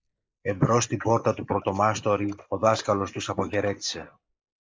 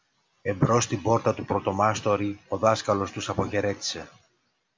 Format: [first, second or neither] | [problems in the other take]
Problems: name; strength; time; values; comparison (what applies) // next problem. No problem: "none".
second | noise reduction (neural mask model Resemble Enhance denoiser)